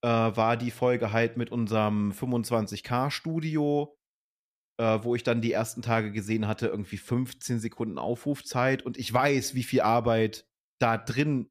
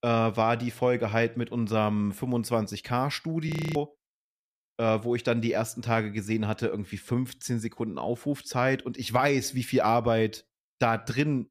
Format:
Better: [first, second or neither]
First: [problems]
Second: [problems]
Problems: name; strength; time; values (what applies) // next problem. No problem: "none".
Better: first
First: none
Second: audio freezing; at 3.5 s